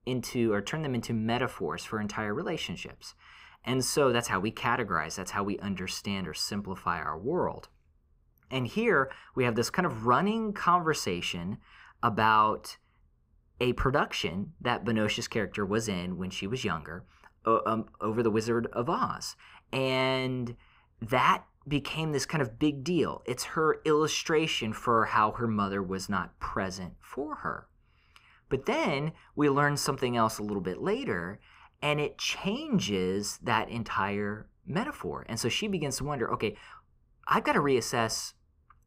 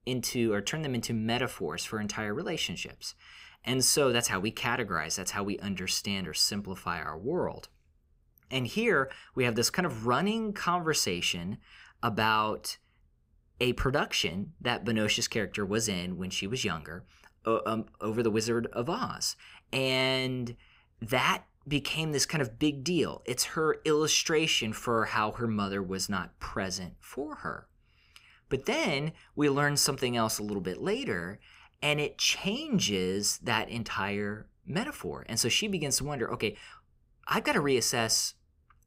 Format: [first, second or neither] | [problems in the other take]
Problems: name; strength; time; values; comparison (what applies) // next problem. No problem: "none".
second | muffled; slightly; fading above 2.5 kHz